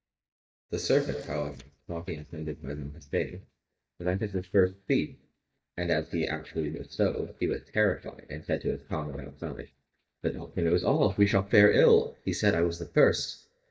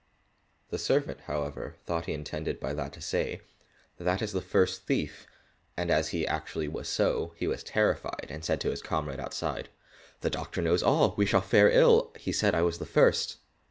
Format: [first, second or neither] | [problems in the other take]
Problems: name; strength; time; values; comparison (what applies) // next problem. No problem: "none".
second | noise reduction (neural mask model DeepFilterNet 3)